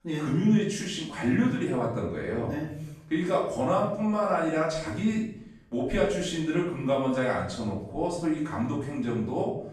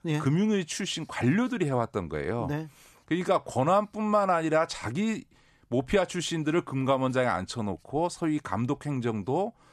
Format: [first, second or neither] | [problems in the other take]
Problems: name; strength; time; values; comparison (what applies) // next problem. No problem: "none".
second | room echo; noticeable; dies away in 0.7 s // off-mic speech; far